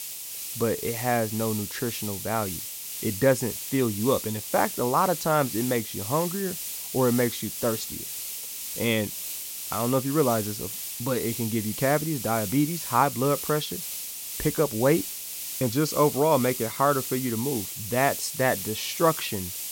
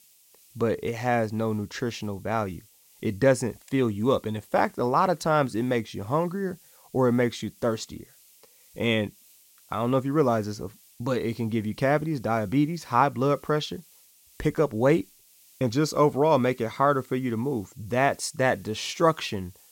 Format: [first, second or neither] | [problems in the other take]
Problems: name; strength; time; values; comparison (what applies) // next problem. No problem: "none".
second | hiss; loud; throughout; 5 dB below the speech; faint in the second